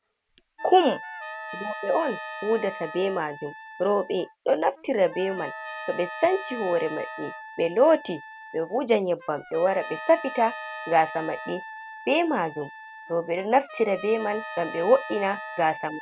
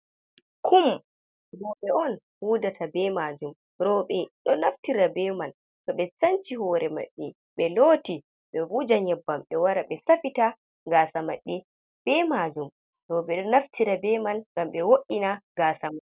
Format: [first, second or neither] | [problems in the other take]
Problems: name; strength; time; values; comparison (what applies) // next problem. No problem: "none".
second | background sound (Wind instrument, woodwind instrument + Trumpet); 13 dB below the speech